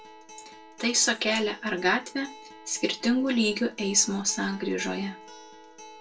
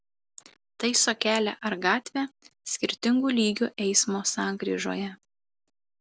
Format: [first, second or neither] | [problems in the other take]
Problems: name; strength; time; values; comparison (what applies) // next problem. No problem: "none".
second | background sound (Acoustic guitar); 19 dB below the speech // room echo; dies away in 0.2 s